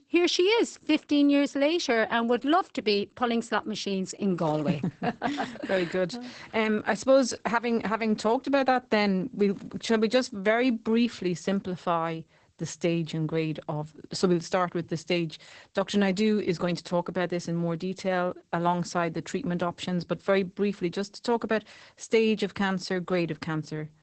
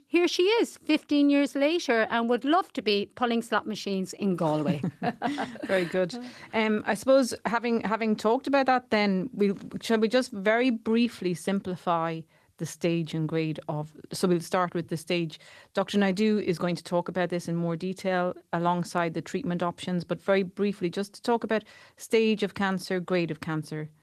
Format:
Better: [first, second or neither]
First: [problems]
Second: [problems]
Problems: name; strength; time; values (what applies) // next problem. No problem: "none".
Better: second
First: garbled, watery; badly; nothing above 8 kHz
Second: garbled, watery; slightly; nothing above 14 kHz